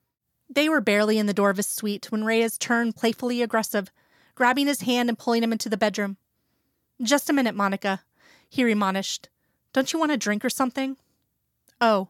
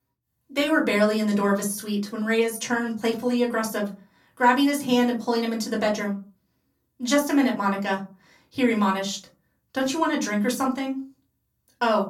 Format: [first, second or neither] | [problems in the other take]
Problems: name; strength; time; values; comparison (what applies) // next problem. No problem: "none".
first | off-mic speech; far // room echo; very slight; dies away in 0.3 s